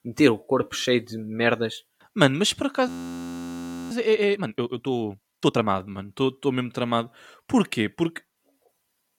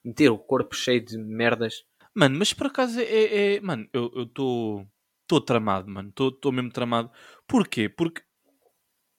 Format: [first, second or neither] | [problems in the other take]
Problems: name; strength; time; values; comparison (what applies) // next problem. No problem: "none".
second | audio freezing; at 3 s for 1 s